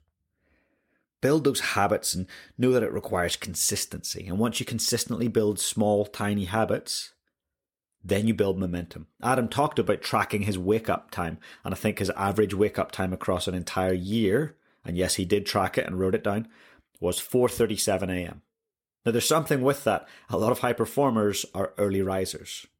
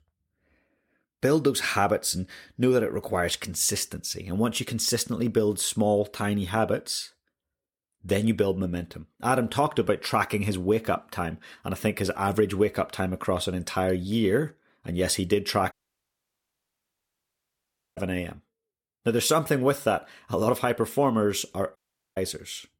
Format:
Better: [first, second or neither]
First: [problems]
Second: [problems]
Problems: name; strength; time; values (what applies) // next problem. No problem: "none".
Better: first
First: none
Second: audio cutting out; at 16 s for 2 s and at 22 s